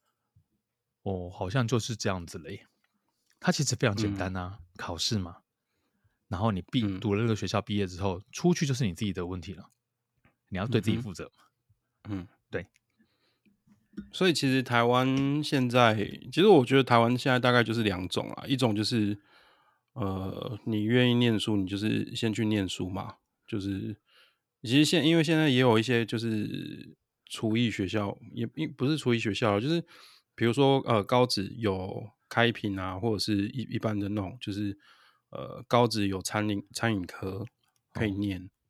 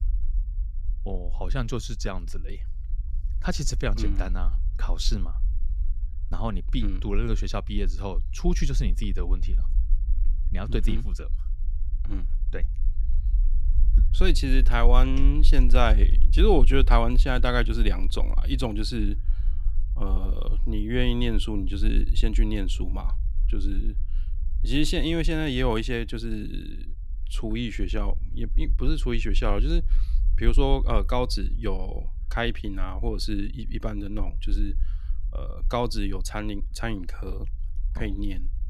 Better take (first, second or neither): first